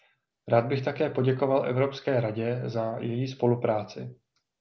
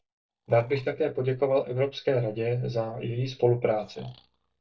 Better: first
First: none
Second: noise reduction (neural mask model DeepFilterNet 3)

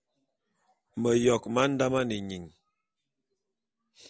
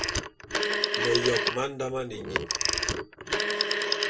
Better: first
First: none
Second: background sound (Telephone); 5 dB above the speech // room echo; dies away in 0.2 s

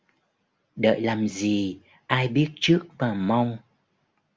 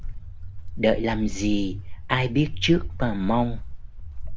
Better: first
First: none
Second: background sound (Walk, footsteps); 4 dB below the speech

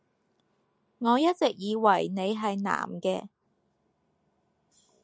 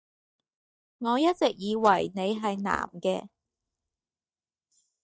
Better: first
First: none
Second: noise reduction (neural mask model DeepFilterNet 3)

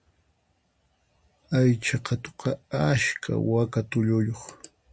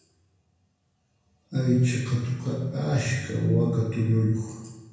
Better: first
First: none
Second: room echo; dies away in 1 s

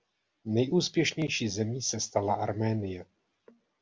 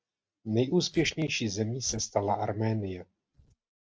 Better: first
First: none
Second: noise reduction (neural mask model RNNoise)

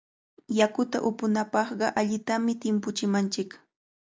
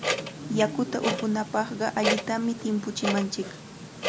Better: first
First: none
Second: background sound (Clock); 4 dB below the speech

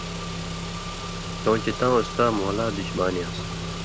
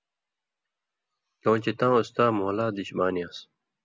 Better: second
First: background sound (Engine / Car); 5 dB below the speech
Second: none

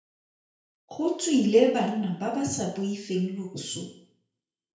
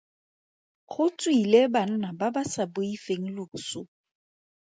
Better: second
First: room echo; dies away in 0.5 s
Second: none

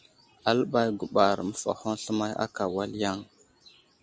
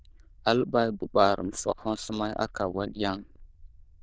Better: first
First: none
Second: noise reduction (neural diffusion model UNIVERSE++)

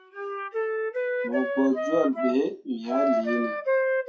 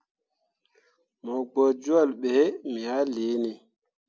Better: second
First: noise reduction (classical method WPE with log-MMSE)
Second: none

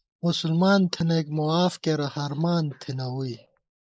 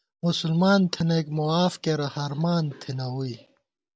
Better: second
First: noise reduction (neural mask model Resemble Enhance denoiser)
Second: none

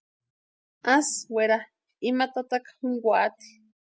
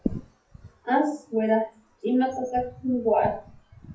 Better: first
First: none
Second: noise reduction (classical method WPE with log-MMSE)

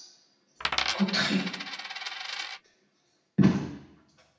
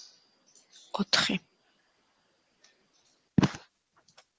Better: second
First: background sound (Coin (dropping)); 3 dB below the speech // room echo; dies away in 0.8 s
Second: none

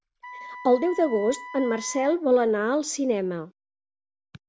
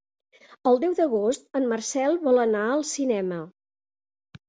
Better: second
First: background sound (Wind instrument, woodwind instrument); 15 dB below the speech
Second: none

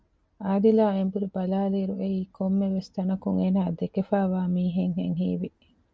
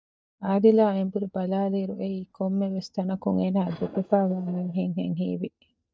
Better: first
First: none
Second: noise reduction (neural mask model DeepFilterNet 3)

